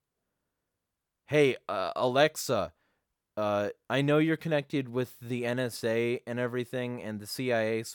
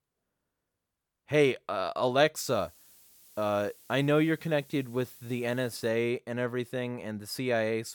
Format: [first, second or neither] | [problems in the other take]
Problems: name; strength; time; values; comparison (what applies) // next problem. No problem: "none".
first | hiss; faint; from 2.5 to 6 s; 25 dB below the speech